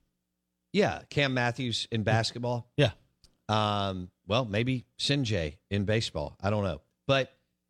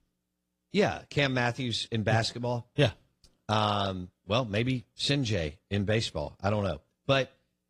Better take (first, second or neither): first